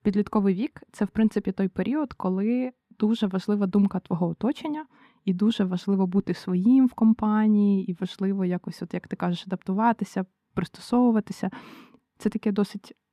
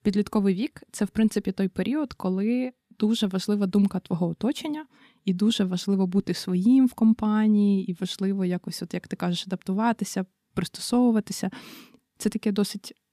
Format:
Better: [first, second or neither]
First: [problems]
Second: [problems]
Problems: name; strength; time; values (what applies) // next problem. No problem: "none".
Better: second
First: muffled; slightly; fading above 3.5 kHz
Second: none